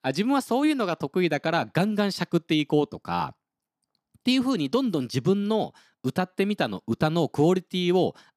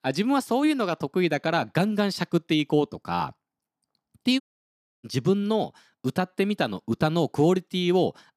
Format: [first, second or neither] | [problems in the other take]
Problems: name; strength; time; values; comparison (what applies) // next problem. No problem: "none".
first | audio cutting out; at 4.5 s for 0.5 s